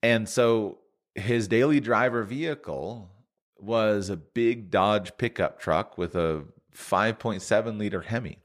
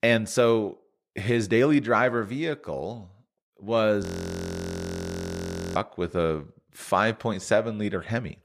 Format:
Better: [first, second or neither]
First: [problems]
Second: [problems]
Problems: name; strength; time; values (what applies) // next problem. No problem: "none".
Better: first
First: none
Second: audio freezing; at 4 s for 1.5 s